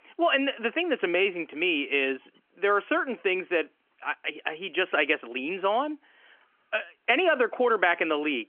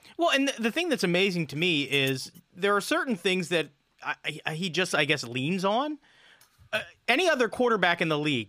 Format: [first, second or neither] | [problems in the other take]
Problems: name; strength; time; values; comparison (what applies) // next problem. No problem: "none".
second | phone-call audio; nothing above 3 kHz